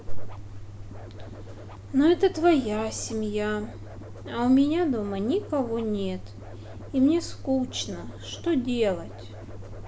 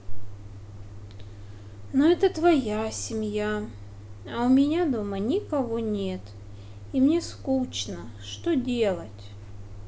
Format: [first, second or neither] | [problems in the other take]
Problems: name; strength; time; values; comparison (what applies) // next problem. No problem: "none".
second | background sound (Scratching (performance technique)); 18 dB below the speech